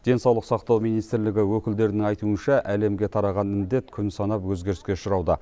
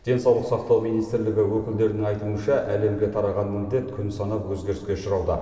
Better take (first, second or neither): first